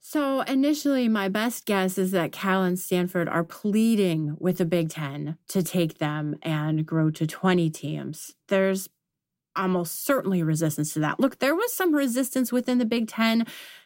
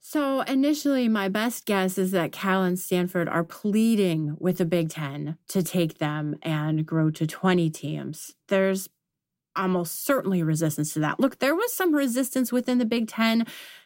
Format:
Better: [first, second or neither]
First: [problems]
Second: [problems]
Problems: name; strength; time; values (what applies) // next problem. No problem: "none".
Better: neither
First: none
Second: none